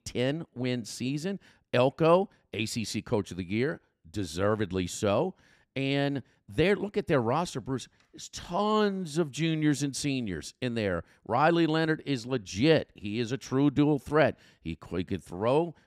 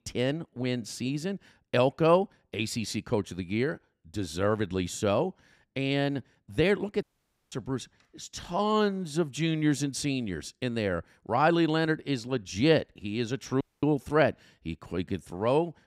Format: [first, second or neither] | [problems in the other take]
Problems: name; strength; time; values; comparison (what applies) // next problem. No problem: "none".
first | audio cutting out; at 7 s and at 14 s